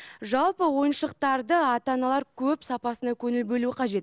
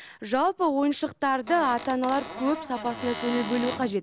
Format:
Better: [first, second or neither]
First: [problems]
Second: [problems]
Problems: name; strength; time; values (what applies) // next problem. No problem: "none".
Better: first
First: none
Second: background sound (Squeak / Cupboard open or close); 10 dB below the speech